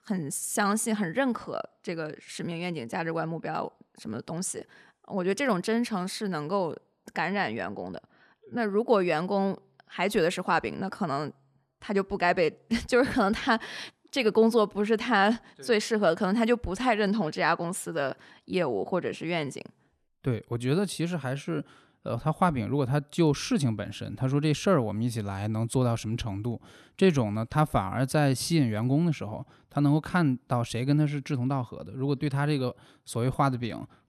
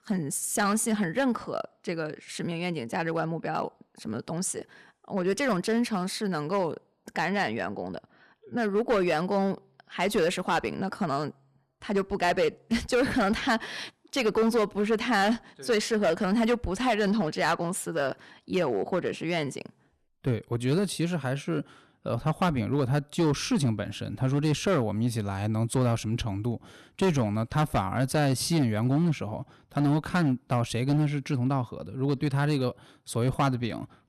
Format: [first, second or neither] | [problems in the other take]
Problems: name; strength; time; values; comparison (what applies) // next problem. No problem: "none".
first | distortion; slight; 6% of the sound clipped